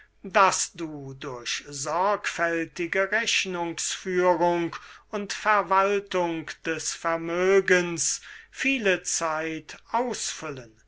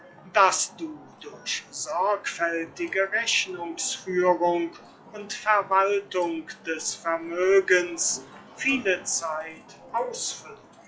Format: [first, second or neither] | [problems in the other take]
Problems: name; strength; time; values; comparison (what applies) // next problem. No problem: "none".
first | noise reduction (classical method log-MMSE)